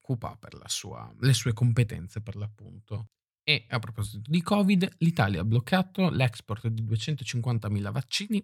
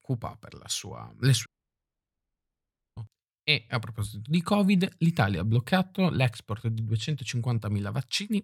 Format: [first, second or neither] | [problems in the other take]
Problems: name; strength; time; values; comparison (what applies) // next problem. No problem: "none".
first | audio cutting out; at 1.5 s for 1.5 s